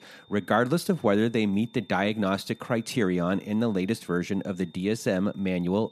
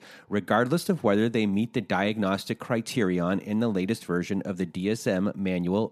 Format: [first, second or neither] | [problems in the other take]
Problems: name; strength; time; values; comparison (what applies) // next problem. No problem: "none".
second | high-pitched whine; faint; throughout; 3.5 kHz, 30 dB below the speech